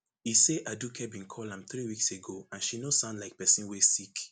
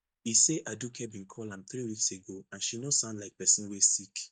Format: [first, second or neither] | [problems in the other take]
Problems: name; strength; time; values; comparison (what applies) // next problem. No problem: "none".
first | noise reduction (neural mask model DeepFilterNet 3)